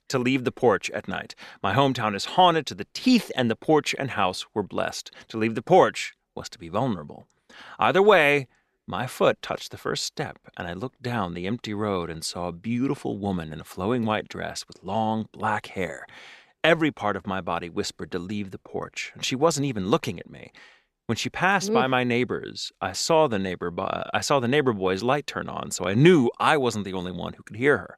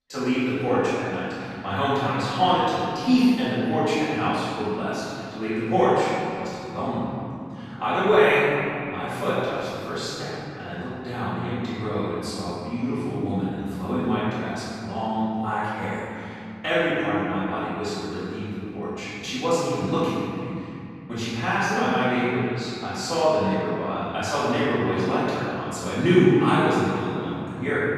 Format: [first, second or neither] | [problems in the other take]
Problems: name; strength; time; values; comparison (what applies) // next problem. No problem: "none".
first | off-mic speech; far // room echo; strong; dies away in 2.8 s